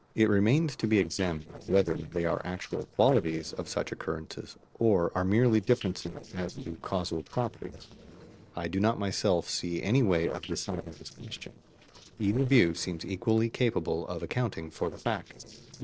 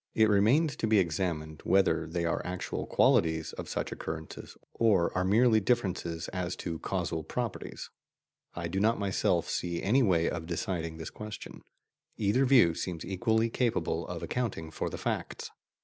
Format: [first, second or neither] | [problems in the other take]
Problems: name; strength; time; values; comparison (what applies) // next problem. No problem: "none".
second | noise reduction (neural separator model SepFormer DNS4)